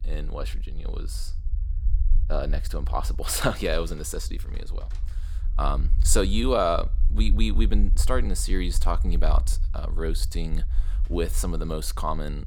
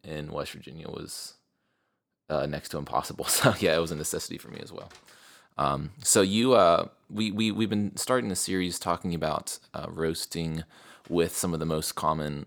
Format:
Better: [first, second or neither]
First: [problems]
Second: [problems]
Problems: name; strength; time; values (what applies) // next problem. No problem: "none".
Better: second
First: low rumble; faint; throughout; 20 dB below the speech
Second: none